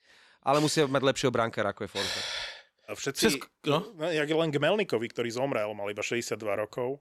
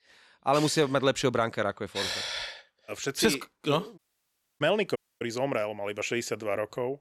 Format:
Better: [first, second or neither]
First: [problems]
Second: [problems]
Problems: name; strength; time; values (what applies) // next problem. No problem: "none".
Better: first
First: none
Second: audio cutting out; at 4 s for 0.5 s and at 5 s